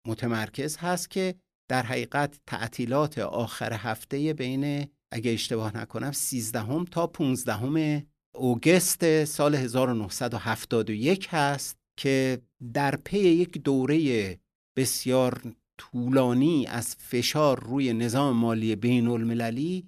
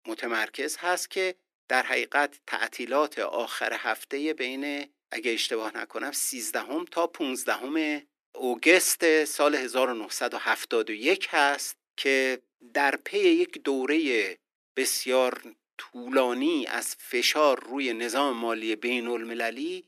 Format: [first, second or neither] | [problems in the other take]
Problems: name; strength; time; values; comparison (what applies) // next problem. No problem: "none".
first | thin; somewhat; fading below 300 Hz